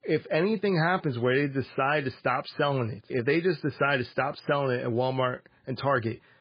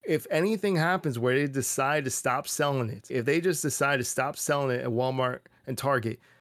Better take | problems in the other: second | garbled, watery; badly; nothing above 4.5 kHz

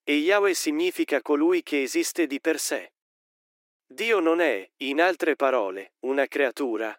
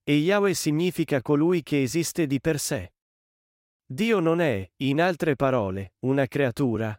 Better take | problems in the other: second | thin; somewhat; fading below 300 Hz

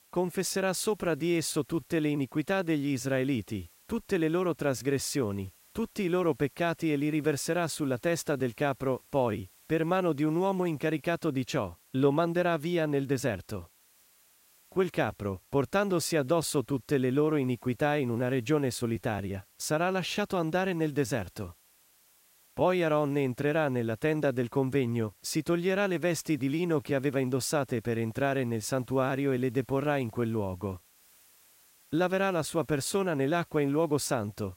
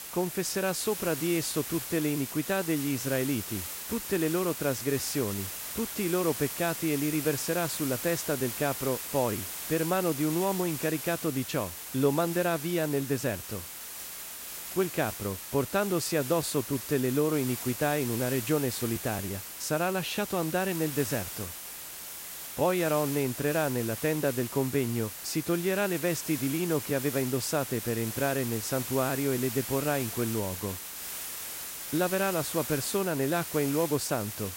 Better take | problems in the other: first | hiss; loud; throughout; 6 dB below the speech; faint in the first

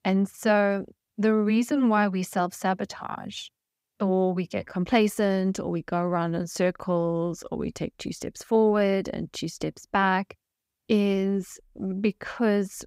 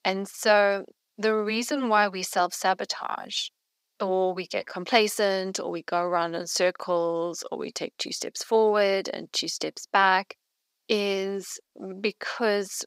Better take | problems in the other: first | thin; somewhat; fading below 450 Hz

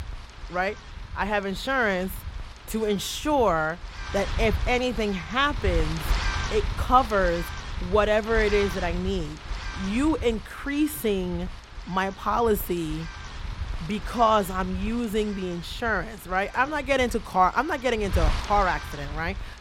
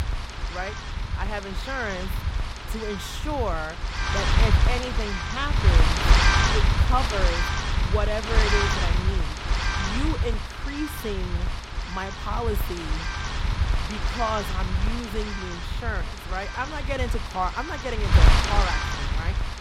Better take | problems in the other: first | wind noise on the microphone; heavy; 2 dB above the speech; occasional gusts in the first

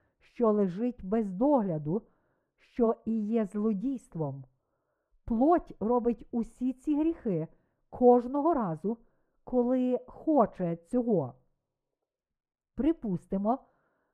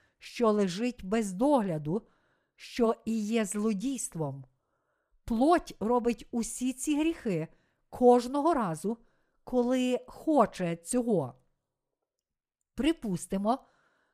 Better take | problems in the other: second | muffled; very; fading above 2 kHz

